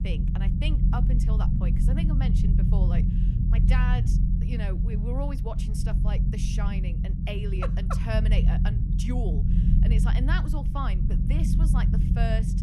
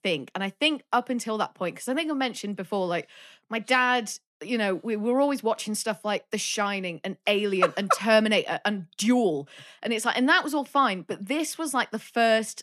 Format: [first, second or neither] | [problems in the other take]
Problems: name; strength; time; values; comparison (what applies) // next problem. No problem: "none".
second | low rumble; loud; throughout; 2 dB below the speech